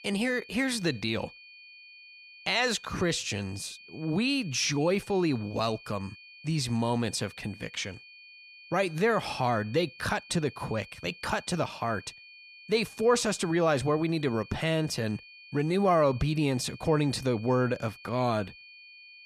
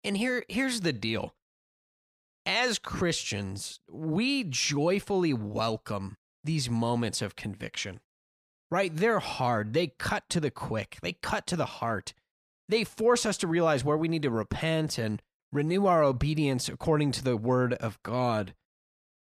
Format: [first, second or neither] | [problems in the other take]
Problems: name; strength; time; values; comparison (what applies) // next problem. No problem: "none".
second | high-pitched whine; noticeable; throughout; 2.5 kHz, 20 dB below the speech